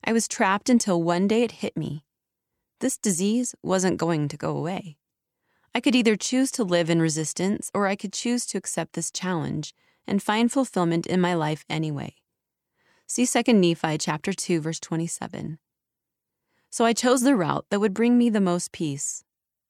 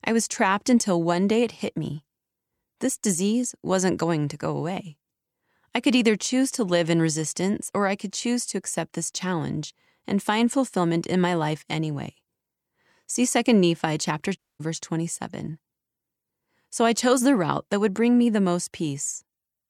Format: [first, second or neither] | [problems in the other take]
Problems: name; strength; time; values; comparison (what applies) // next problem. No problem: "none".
first | audio cutting out; at 14 s